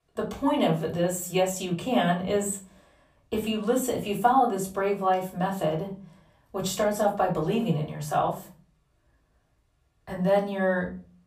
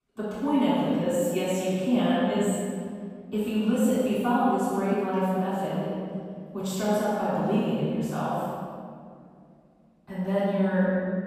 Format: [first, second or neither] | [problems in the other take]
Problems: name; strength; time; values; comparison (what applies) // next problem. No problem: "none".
first | room echo; strong; dies away in 1.9 s; slight in the first // off-mic speech; far; far in the first